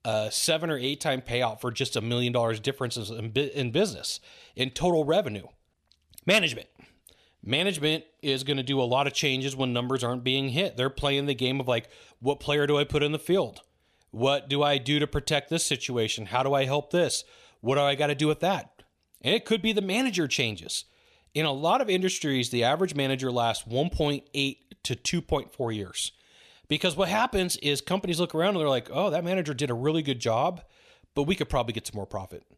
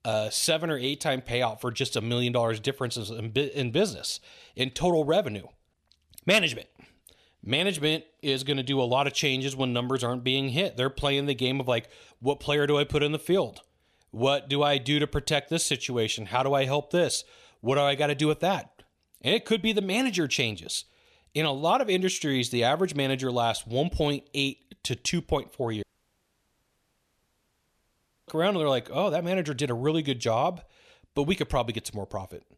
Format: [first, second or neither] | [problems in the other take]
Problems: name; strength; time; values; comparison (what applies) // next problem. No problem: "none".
first | audio cutting out; at 26 s for 2.5 s